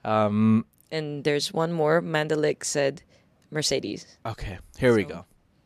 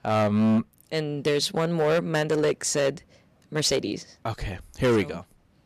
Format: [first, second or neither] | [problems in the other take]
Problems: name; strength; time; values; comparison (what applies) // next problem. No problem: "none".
first | distortion; slight; 8% of the sound clipped